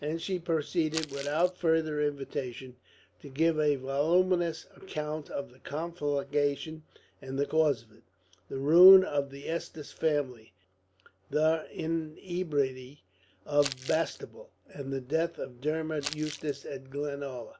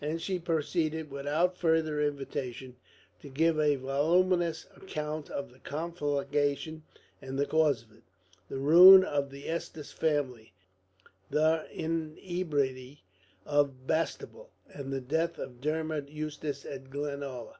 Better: second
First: background sound (Crumpling, crinkling); 11 dB below the speech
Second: none

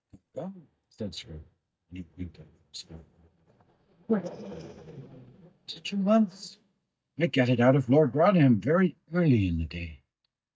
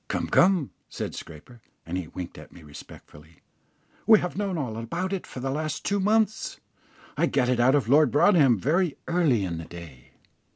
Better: second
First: noise reduction (neural mask model DeepFilterNet 3)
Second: none

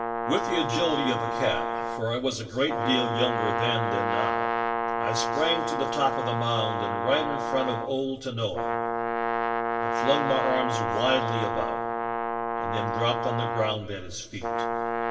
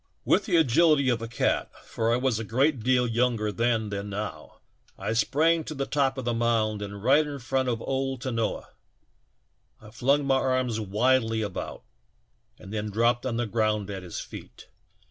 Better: second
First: background sound (Brass instrument); 1 dB above the speech // room echo; dies away in 1.6 s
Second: none

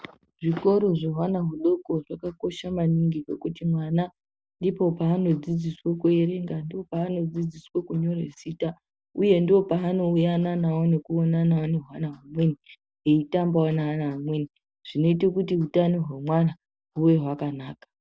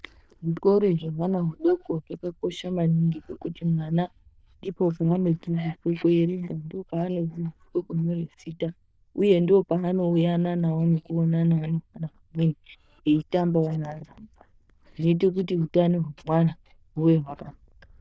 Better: first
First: none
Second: noise reduction (neural diffusion model UNIVERSE++)

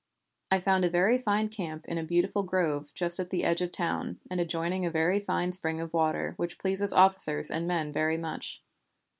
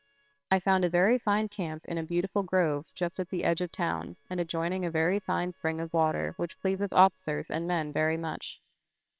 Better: first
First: none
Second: noise reduction (neural separator model SepFormer WHAMR!)

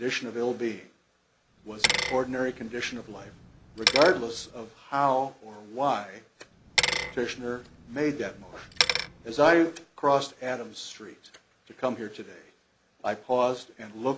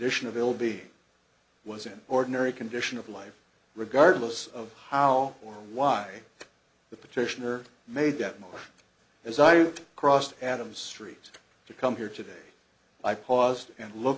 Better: second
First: background sound (Bicycle); 2 dB below the speech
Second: none

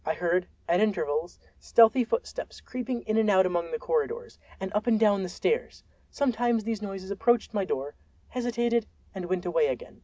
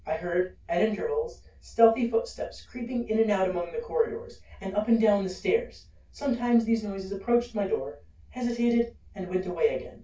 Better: first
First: none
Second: room echo; dies away in 0.2 s

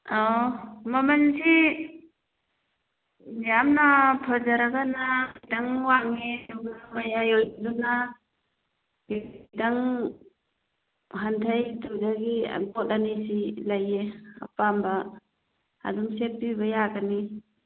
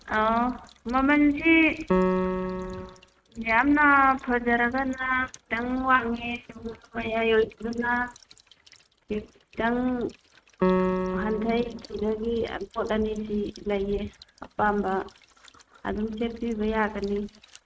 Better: first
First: none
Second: noise reduction (neural mask model RNNoise)

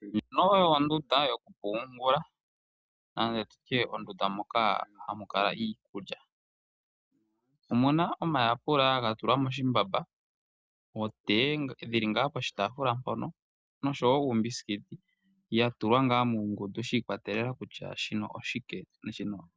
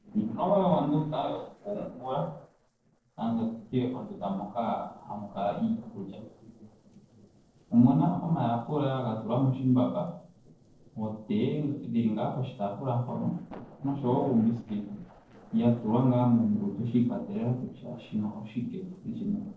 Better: first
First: none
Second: noise reduction (neural separator model SepFormer DNS4)

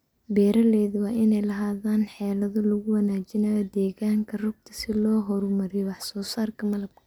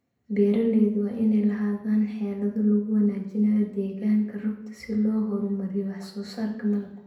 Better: first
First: none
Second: room echo; dies away in 0.7 s

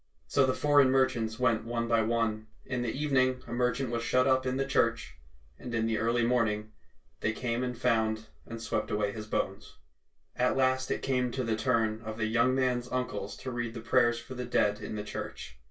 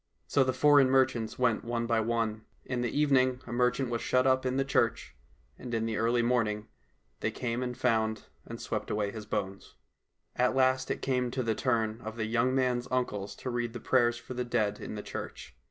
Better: second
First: room echo; dies away in 0.2 s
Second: none

